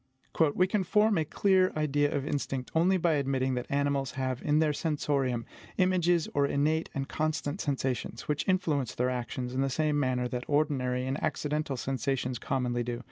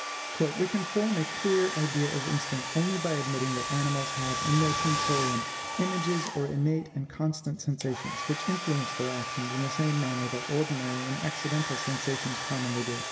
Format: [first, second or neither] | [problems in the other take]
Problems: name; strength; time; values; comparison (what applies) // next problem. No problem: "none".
first | background sound (Domestic sounds, home sounds); 4 dB below the speech // room echo; dies away in 1.4 s